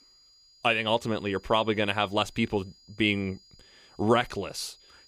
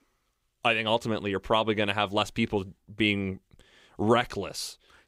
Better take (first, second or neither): second